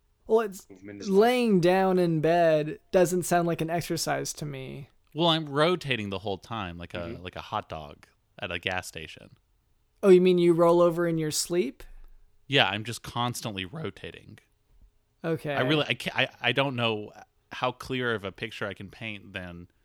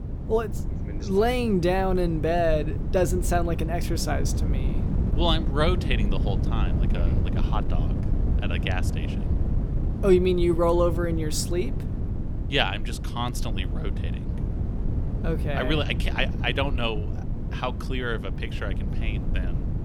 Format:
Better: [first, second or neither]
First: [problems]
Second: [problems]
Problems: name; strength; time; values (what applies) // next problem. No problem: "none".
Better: first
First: none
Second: wind noise on the microphone; occasional gusts; 10 dB below the speech